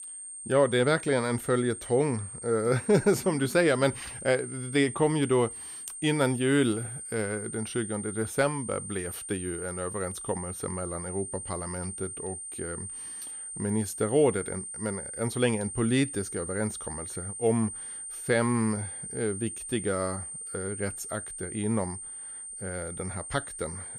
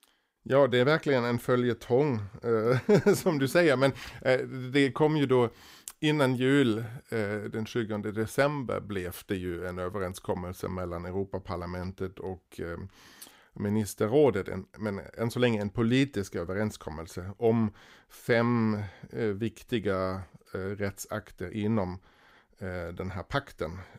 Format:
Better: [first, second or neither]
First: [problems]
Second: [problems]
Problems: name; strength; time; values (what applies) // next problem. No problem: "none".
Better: second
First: high-pitched whine; loud; throughout; 9 kHz, 8 dB below the speech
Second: none